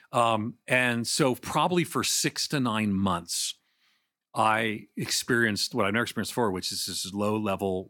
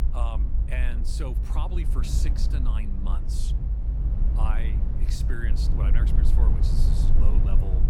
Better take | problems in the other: first | low rumble; loud; throughout; 3 dB below the speech

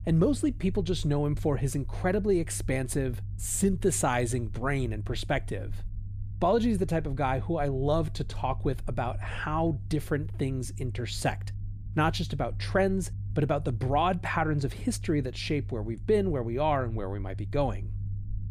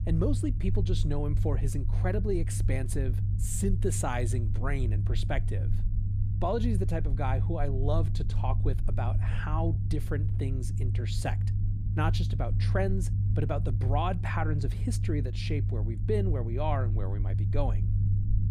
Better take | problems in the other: first | low rumble; loud; throughout; 9 dB below the speech; faint in the first

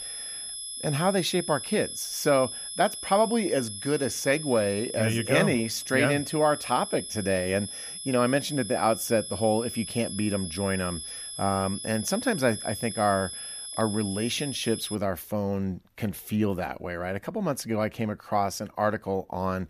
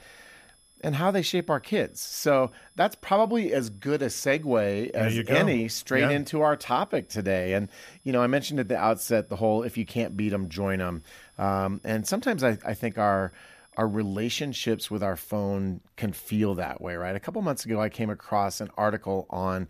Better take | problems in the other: second | high-pitched whine; loud; until 15 s; 11 kHz, 7 dB below the speech; faint in the second

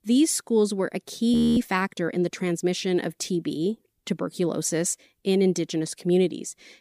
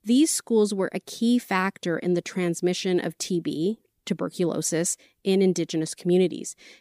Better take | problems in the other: second | audio freezing; at 1.5 s

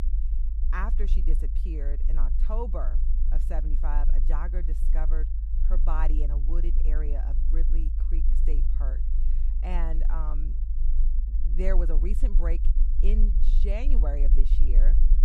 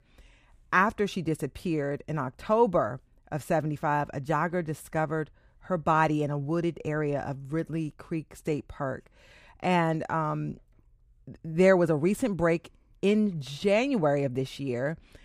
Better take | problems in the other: second | low rumble; noticeable; throughout; 10 dB below the speech

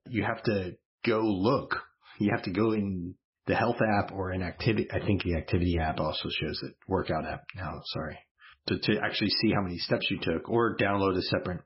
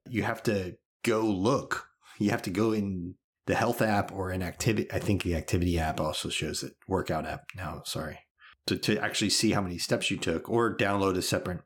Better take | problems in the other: second | garbled, watery; badly; nothing above 5.5 kHz

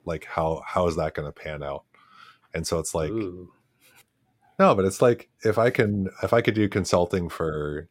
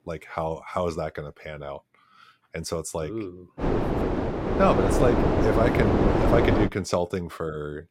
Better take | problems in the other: first | wind noise on the microphone; heavy; from 3.5 to 6.5 s; 2 dB above the speech

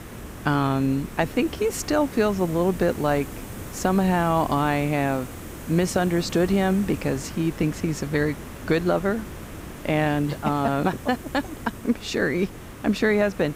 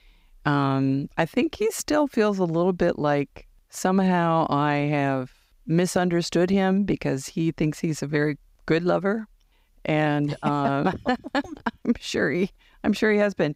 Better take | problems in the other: second | hiss; noticeable; throughout; 15 dB below the speech

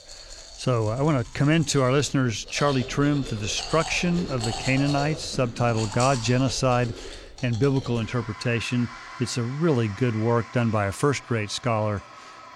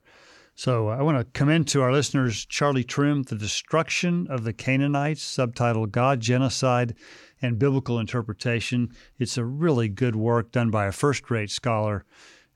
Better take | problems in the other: second | household noises; noticeable; throughout; 15 dB below the speech

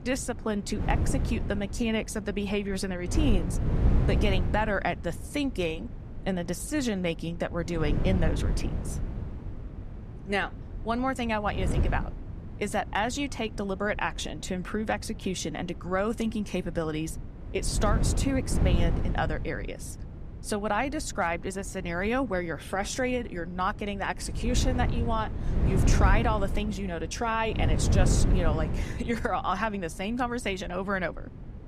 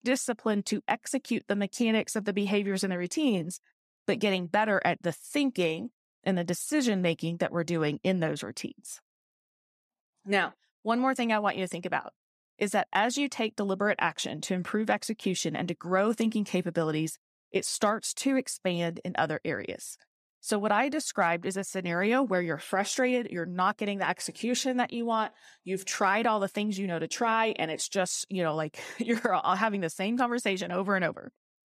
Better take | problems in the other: second | wind noise on the microphone; occasional gusts; 10 dB below the speech

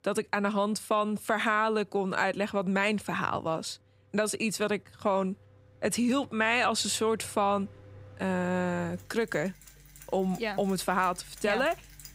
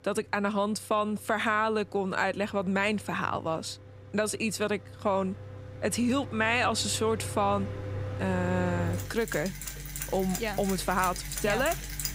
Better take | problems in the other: first | machinery noise; loud; throughout; 8 dB below the speech; faint in the first

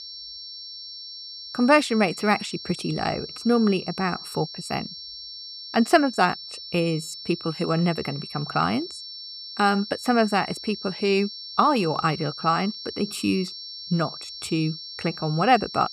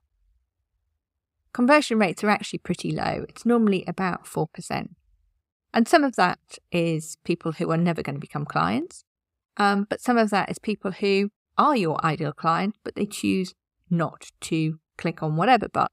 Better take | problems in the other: second | high-pitched whine; noticeable; throughout; 5.5 kHz, 10 dB below the speech

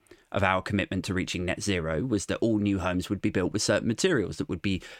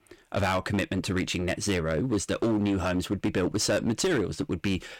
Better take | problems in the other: first | distortion; slight; 12% of the sound clipped

